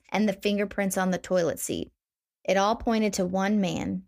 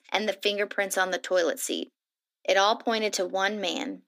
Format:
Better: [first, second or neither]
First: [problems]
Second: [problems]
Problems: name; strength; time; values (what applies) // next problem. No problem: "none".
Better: first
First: none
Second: thin; somewhat; fading below 250 Hz